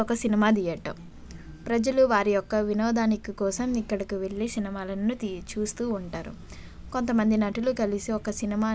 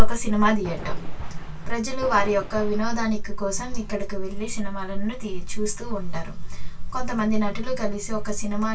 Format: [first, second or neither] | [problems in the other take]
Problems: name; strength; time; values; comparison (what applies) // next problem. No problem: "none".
first | background sound (Thunder); 17 dB below the speech // room echo; dies away in 0.2 s